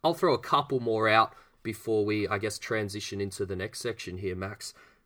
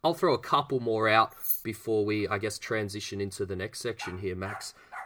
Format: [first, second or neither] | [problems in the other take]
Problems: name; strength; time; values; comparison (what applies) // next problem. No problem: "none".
first | jangling keys; loud; at 1.5 s; peak level with the speech // dog barking; faint; from 4 s on; peak 15 dB below the speech